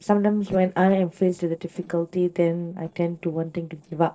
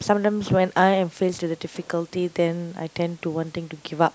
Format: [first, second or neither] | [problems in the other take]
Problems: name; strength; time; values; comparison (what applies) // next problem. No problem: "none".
second | noise reduction (neural separator model SepFormer DNS4)